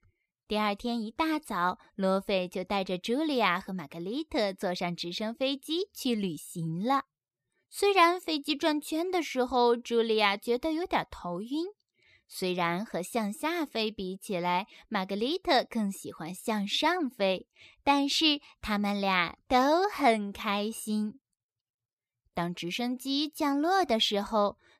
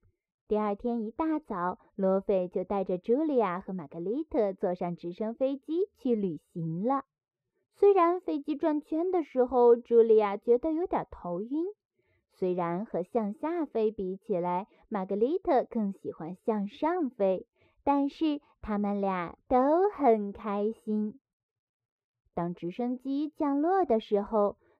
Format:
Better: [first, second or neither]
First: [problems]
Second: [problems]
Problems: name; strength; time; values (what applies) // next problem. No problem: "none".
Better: first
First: none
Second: muffled; very; fading above 2.5 kHz